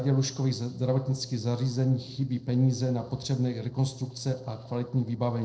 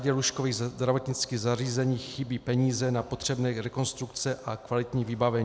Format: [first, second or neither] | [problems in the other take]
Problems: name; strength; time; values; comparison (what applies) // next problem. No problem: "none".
second | noise reduction (neural separator model SepFormer DNS4)